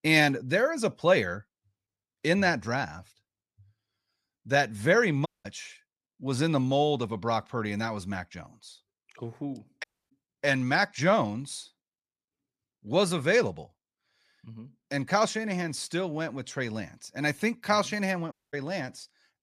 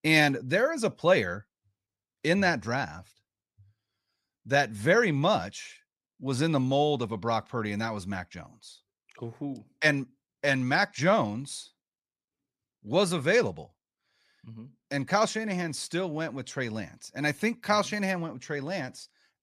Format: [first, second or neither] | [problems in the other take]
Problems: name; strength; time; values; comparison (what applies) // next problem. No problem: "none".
second | audio cutting out; at 5.5 s, at 10 s and at 18 s